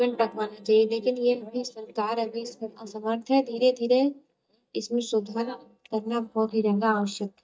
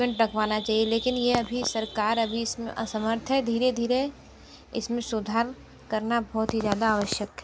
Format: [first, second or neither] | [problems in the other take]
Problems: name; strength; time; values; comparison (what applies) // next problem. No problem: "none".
second | noise reduction (neural mask model DeepFilterNet 3)